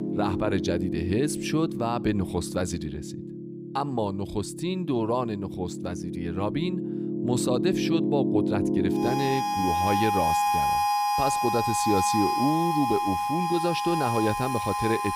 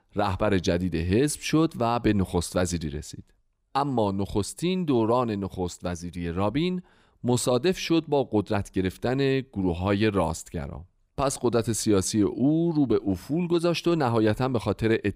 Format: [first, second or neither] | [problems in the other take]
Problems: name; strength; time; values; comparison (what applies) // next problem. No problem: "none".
second | background music; very loud; throughout; 1 dB above the speech